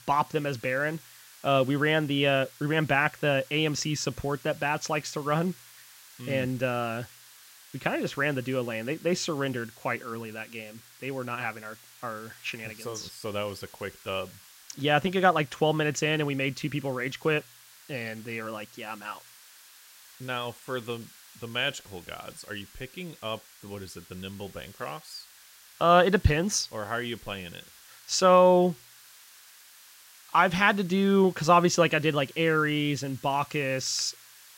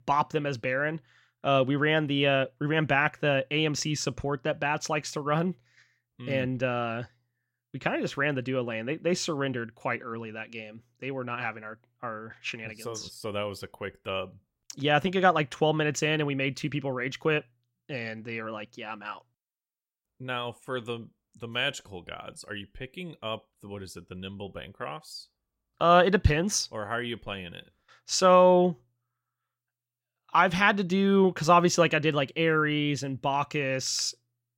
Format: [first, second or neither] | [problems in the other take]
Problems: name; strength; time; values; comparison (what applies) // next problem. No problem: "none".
second | hiss; faint; throughout; 25 dB below the speech